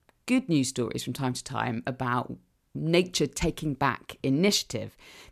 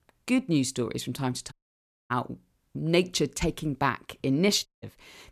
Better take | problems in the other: first | audio cutting out; at 1.5 s for 0.5 s and at 4.5 s

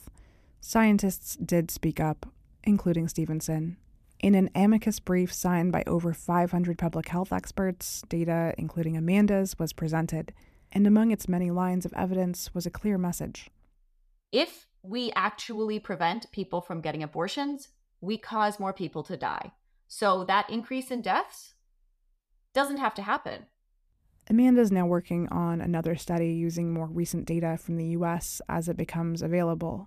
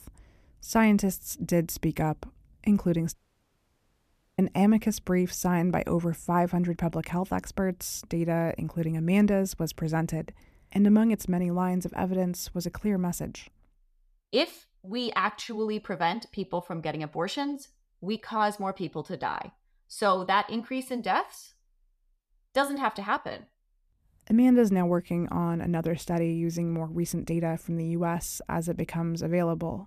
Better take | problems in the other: first | audio cutting out; at 3 s for 1 s

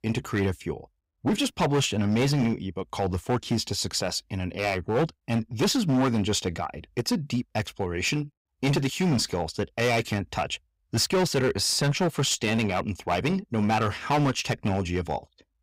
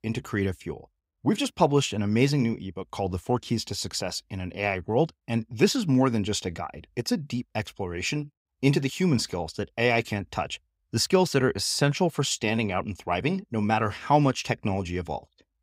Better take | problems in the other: second | distortion; heavy; 9% of the sound clipped

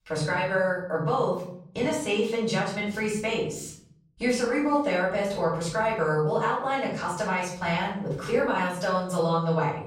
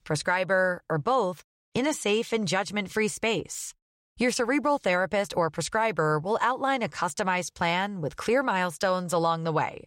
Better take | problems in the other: second | off-mic speech; far // room echo; noticeable; dies away in 0.8 s

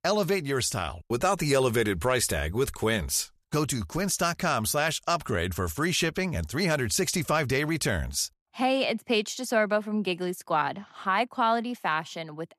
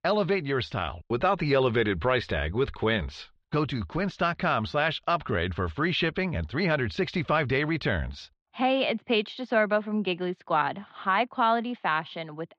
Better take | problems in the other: first | muffled; slightly; fading above 4 kHz

